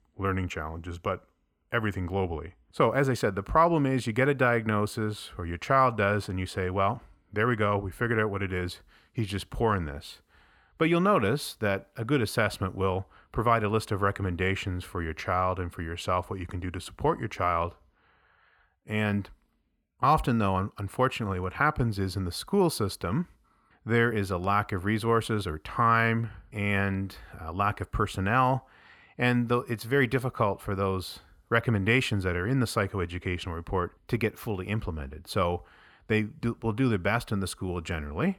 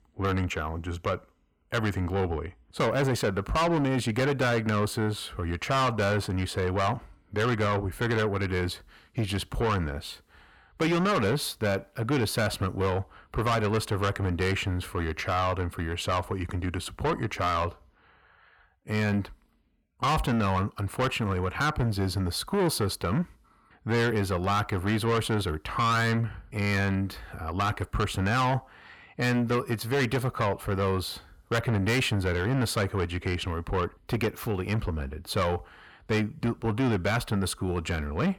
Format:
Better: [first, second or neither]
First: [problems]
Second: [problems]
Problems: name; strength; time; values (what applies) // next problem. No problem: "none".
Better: first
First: none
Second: distortion; heavy; 7 dB below the speech